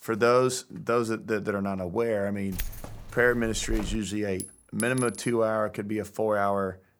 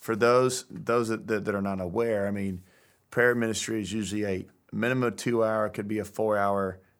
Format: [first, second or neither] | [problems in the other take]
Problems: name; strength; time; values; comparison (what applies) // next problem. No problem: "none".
second | jangling keys; noticeable; from 2.5 to 4 s; peak 9 dB below the speech // clattering dishes; noticeable; at 4.5 s; peak 8 dB below the speech